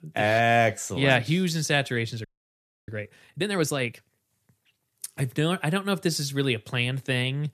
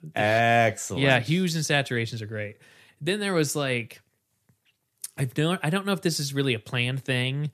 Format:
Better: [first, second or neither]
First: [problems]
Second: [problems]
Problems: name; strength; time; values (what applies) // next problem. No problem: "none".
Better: second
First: audio freezing; at 2 s for 0.5 s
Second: none